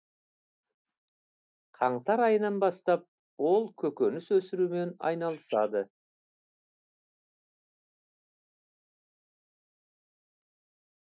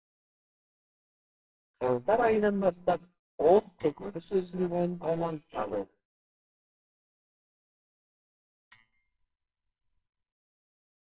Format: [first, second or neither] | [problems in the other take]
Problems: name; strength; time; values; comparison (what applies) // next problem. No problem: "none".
first | noise reduction (neural separator model SepFormer WHAMR!)